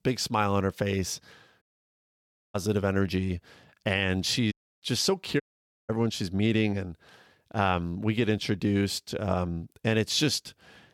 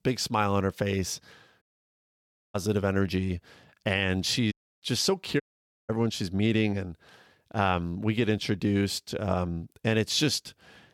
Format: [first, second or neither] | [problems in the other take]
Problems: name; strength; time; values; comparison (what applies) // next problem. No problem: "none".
neither | audio cutting out; at 1.5 s for 1 s, at 4.5 s and at 5.5 s; the same in both